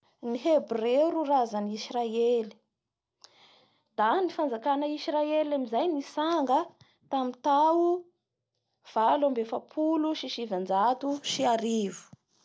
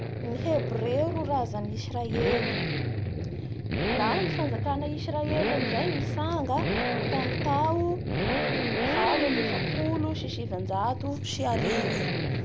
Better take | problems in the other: first | background sound (Accelerating, revving, vroom); 2 dB above the speech

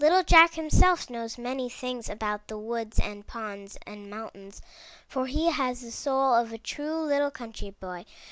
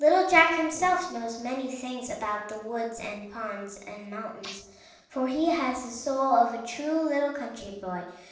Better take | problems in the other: first | noise reduction (neural separator model SepFormer DNS4)

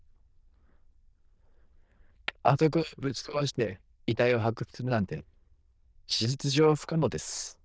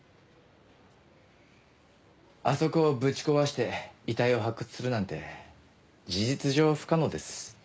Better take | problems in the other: second | noise reduction (neural diffusion model UNIVERSE++)

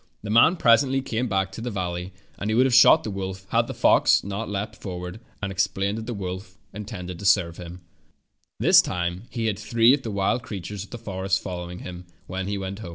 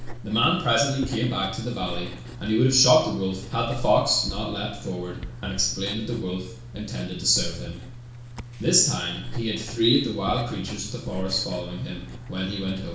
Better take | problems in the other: first | background sound (Writing); 10 dB below the speech // room echo; dies away in 0.6 s

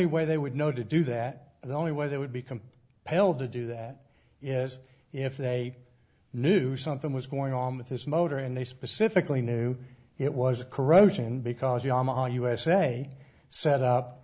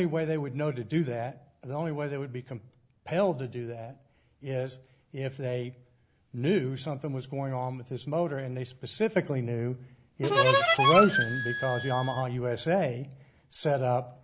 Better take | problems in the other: first | background sound (Harmonica); 4 dB above the speech

